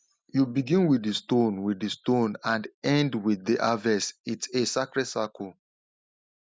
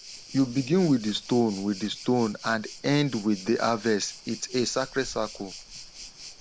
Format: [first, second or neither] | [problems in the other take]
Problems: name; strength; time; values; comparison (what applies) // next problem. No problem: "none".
first | background sound (Waves, surf); 16 dB below the speech